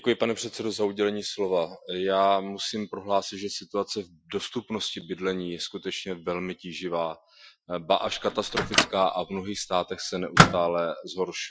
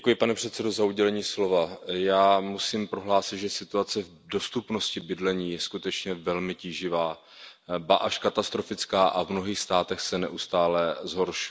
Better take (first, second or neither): second